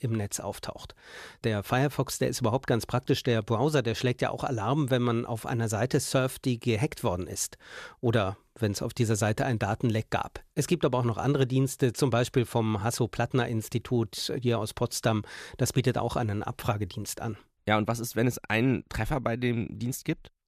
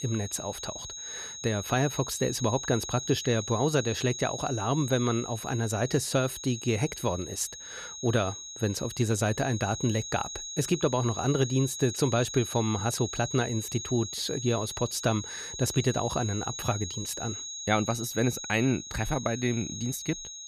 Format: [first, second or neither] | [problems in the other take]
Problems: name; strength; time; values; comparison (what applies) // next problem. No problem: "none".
first | high-pitched whine; loud; throughout; 6.5 kHz, 7 dB below the speech